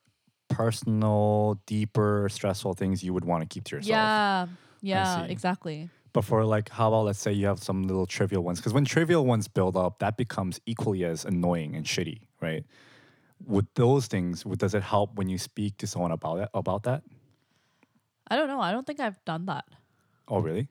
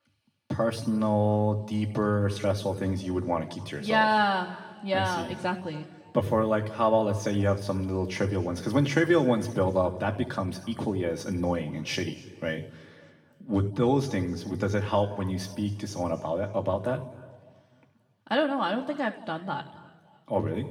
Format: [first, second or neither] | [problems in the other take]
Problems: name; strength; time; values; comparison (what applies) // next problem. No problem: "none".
first | room echo; slight; dies away in 1.4 s // off-mic speech; somewhat distant